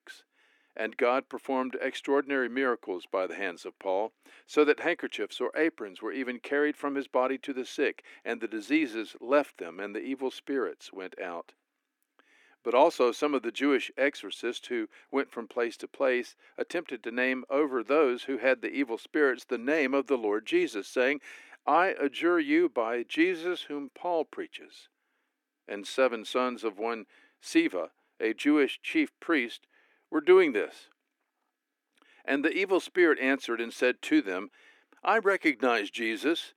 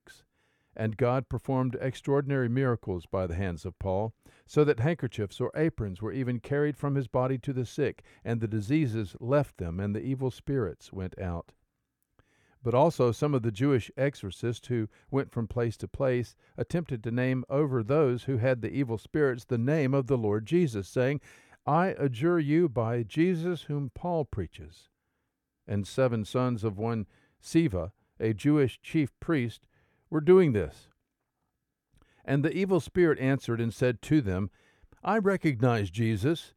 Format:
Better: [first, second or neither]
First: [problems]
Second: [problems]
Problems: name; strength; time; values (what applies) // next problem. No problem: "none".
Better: second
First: thin; somewhat; fading below 300 Hz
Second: none